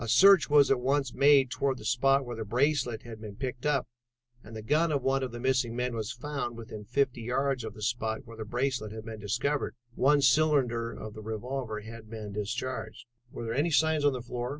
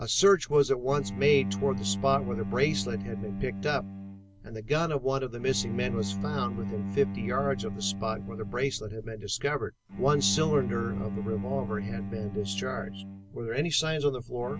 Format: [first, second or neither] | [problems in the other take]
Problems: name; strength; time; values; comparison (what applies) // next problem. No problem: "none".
first | background sound (Bowed string instrument); 6 dB below the speech